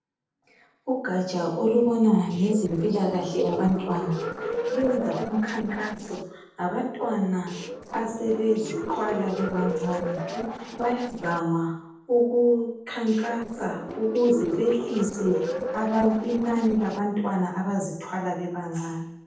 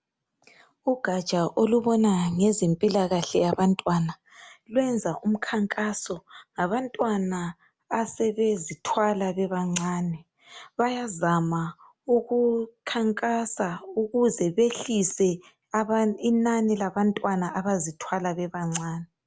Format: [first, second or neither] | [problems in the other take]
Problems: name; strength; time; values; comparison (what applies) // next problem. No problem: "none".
second | noise reduction (neural separator model SepFormer DNS4)